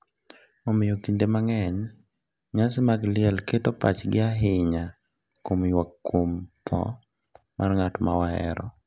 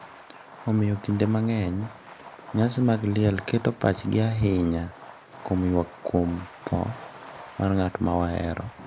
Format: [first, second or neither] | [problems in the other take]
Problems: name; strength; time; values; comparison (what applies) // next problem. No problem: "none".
first | background sound (Fireworks); 18 dB below the speech